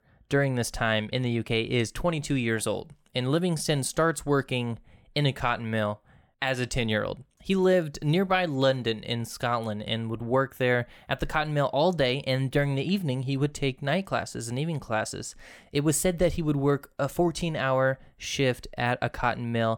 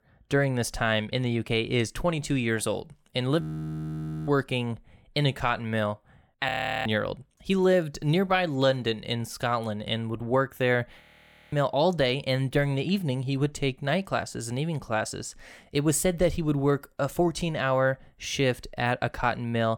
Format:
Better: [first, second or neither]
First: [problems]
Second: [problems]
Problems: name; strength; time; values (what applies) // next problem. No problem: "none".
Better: first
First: none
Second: audio freezing; at 3.5 s for 1 s, at 6.5 s and at 11 s for 0.5 s